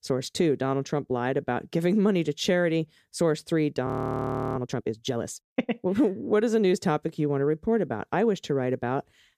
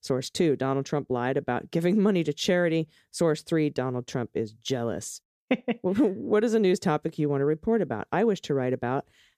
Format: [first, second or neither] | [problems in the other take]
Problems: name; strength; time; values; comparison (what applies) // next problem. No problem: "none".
second | audio freezing; at 4 s for 0.5 s